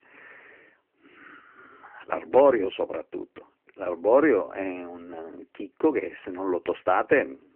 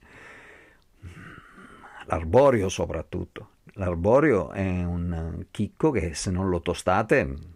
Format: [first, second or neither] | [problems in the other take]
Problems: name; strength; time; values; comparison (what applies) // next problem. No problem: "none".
second | phone-call audio; poor line